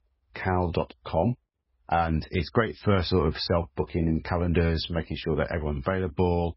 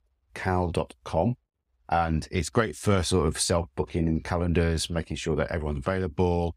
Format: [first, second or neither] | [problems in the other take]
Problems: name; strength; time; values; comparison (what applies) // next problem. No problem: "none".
second | garbled, watery; badly; nothing above 5.5 kHz